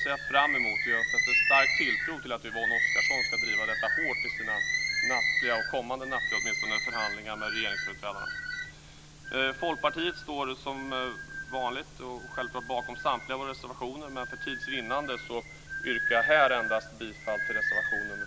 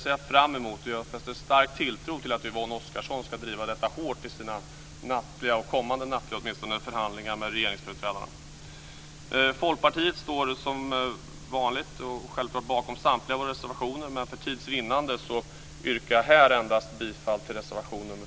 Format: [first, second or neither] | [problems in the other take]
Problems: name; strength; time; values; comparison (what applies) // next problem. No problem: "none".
second | background sound (Bird); 2 dB above the speech